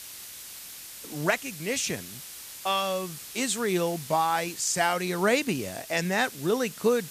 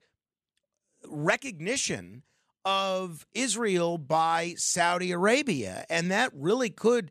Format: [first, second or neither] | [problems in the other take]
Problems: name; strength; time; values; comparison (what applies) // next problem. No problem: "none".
second | hiss; noticeable; throughout; 10 dB below the speech